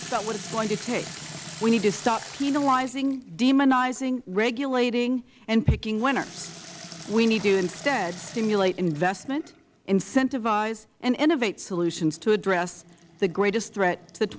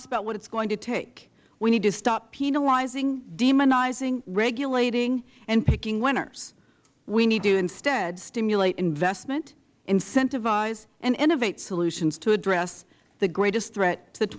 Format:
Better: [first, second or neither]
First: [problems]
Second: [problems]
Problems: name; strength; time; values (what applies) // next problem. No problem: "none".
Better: second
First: background sound (Sink (filling or washing) / Water tap, faucet); 18 dB below the speech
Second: none